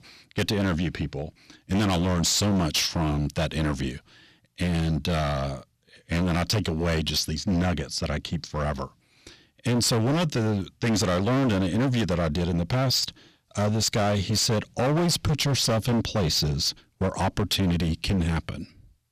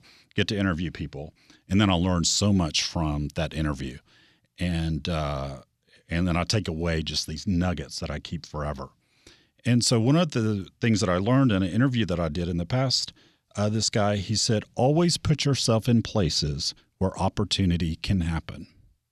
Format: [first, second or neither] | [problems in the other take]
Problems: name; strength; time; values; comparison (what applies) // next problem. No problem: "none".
second | distortion; heavy; 20% of the sound clipped